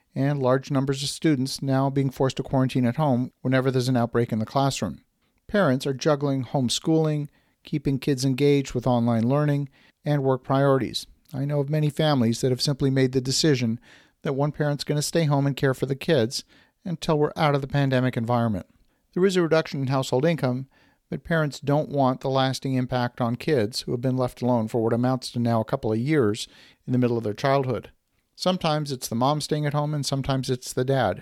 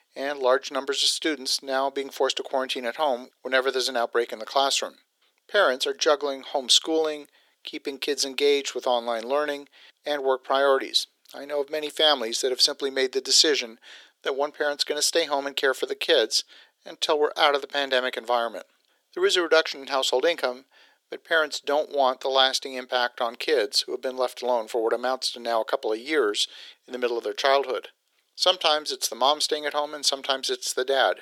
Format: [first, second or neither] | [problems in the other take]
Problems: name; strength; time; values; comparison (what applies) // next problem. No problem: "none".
first | thin; very; fading below 400 Hz